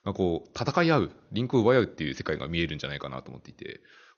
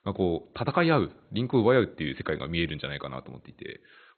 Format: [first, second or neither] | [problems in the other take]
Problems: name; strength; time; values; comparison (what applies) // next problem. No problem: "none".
first | garbled, watery; badly; nothing above 4 kHz; slightly in the first